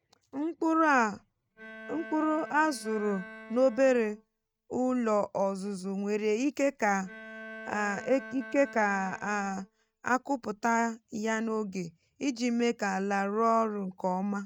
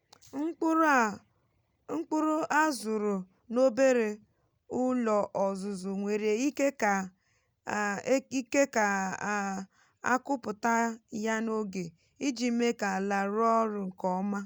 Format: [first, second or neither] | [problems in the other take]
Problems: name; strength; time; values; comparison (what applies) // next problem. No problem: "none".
second | noise reduction (neural mask model RNNoise)